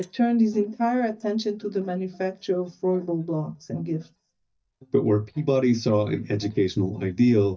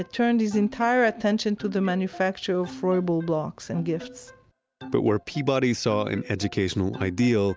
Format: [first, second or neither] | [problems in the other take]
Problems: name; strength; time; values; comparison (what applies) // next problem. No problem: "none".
second | noise reduction (neural mask model DeepFilterNet 3)